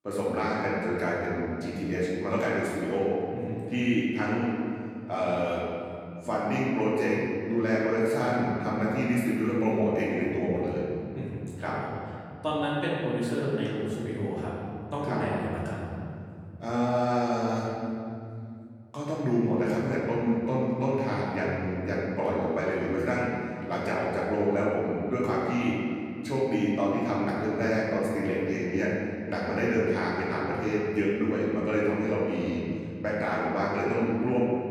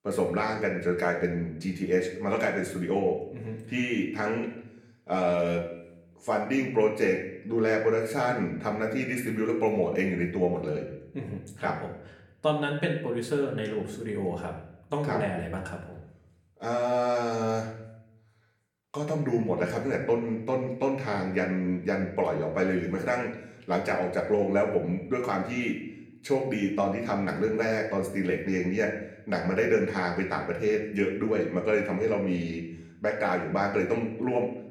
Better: second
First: room echo; strong; dies away in 2.9 s // off-mic speech; far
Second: room echo; slight; dies away in 0.7 s // off-mic speech; far

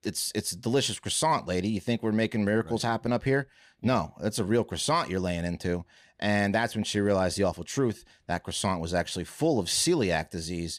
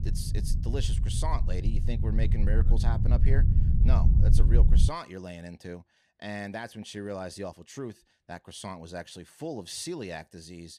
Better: first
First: none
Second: low rumble; loud; until 5 s; 4 dB below the speech

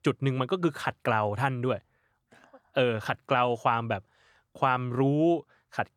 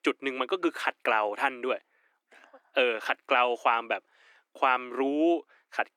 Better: first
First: none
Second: thin; somewhat; fading below 300 Hz

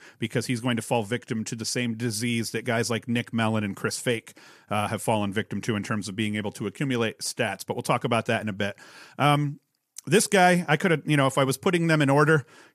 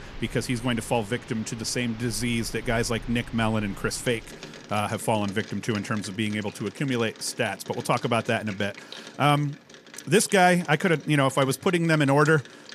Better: first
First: none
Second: rain or running water; noticeable; throughout; 20 dB below the speech

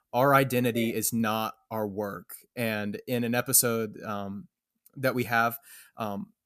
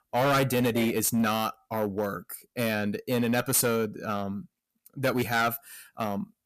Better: first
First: none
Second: distortion; heavy; 8% of the sound clipped

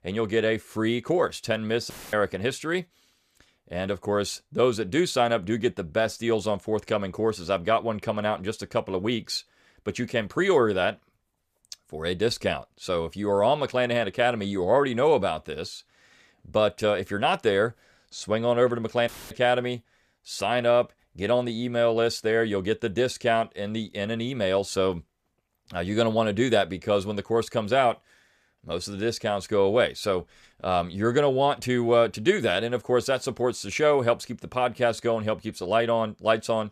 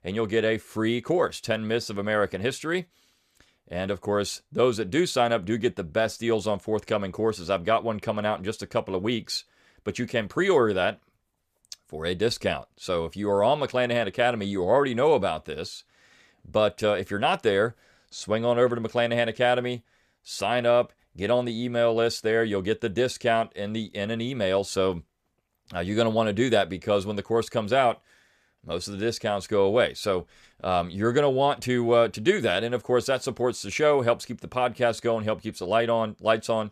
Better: second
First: audio cutting out; filled with static; at 2 s and at 19 s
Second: none

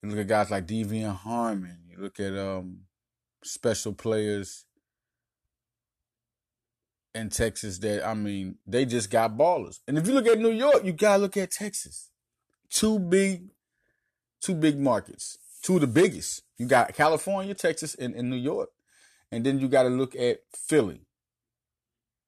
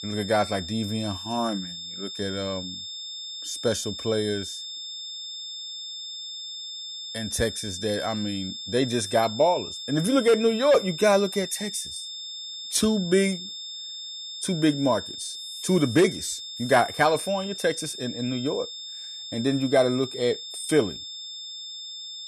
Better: first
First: none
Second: high-pitched whine; loud; throughout; 3.5 kHz, 9 dB below the speech

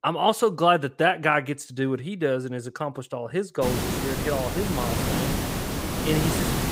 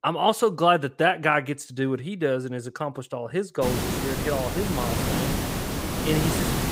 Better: neither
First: hiss; loud; from 3.5 s on; 1 dB below the speech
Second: hiss; loud; from 3.5 s on; 1 dB below the speech

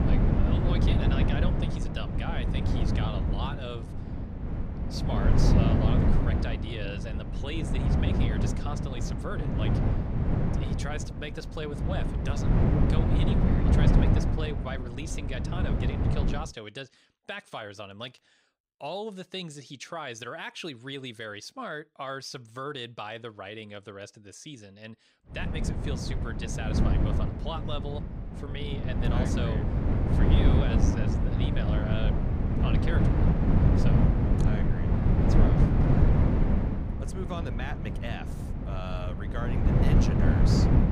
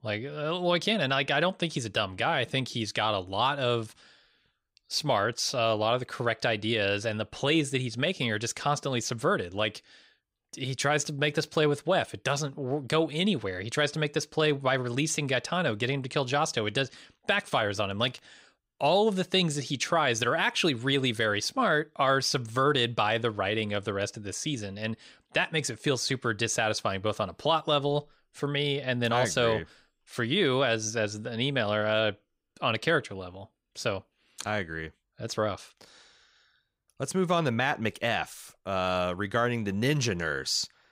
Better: second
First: wind noise on the microphone; heavy; until 16 s and from 25 s on; 3 dB above the speech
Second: none

